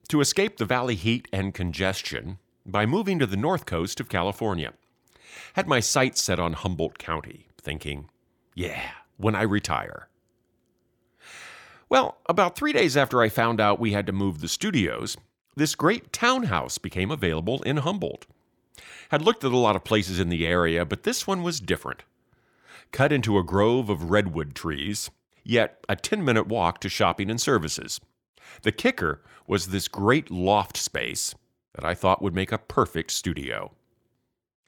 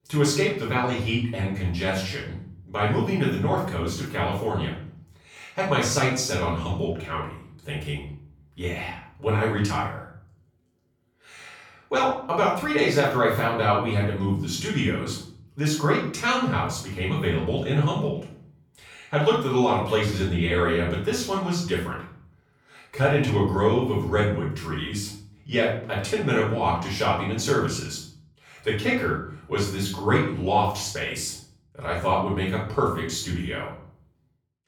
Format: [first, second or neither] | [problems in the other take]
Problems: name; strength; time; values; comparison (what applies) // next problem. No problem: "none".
first | off-mic speech; far // room echo; noticeable; dies away in 0.6 s